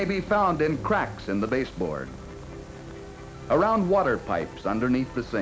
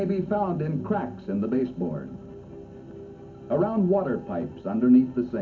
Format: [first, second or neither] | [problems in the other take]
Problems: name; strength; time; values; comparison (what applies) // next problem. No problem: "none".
first | room echo; dies away in 0.3 s